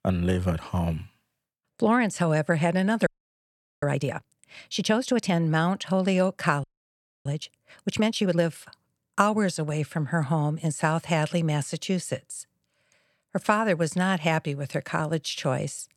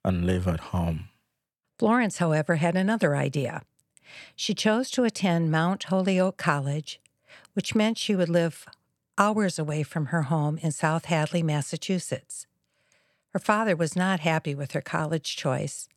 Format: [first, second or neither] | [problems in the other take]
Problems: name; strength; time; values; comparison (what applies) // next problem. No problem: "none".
second | audio freezing; at 3 s for 1 s and at 6.5 s for 0.5 s